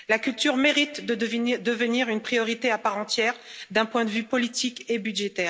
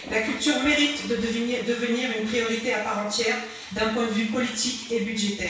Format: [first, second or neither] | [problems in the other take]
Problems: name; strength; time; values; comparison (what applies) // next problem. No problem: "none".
first | background sound (Toilet flush); 19 dB below the speech // room echo; dies away in 0.6 s